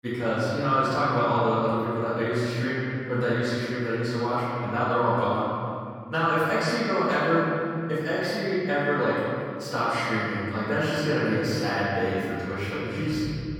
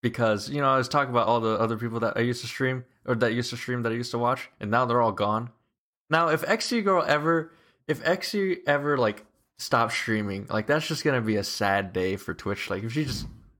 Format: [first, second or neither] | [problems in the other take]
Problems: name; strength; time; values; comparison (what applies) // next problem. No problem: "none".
second | off-mic speech; far // room echo; strong; dies away in 2.4 s